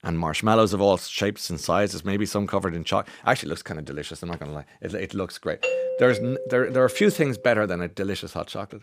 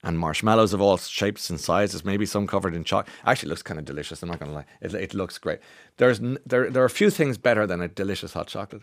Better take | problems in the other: second | doorbell; noticeable; from 5.5 to 7.5 s; peak 1 dB below the speech

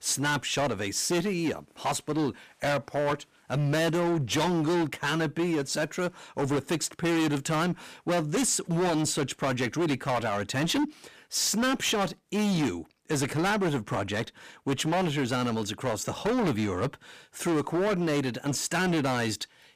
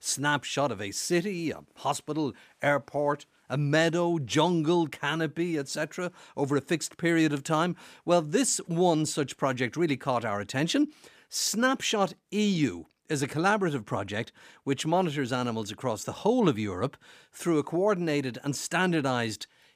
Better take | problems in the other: second | distortion; heavy; 19% of the sound clipped

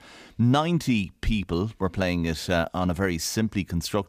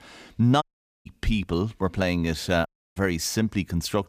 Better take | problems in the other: first | audio cutting out; at 0.5 s and at 2.5 s

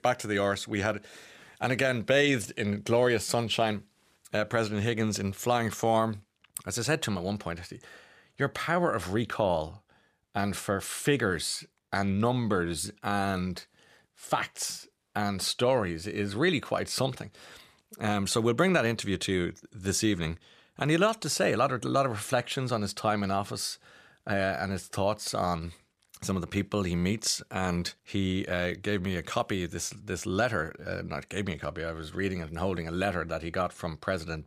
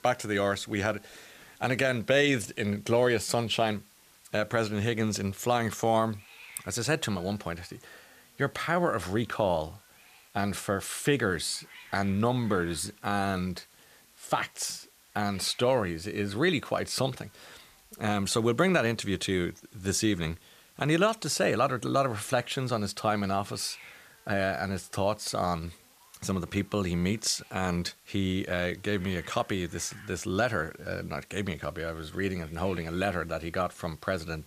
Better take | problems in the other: first | hiss; faint; throughout; 25 dB below the speech

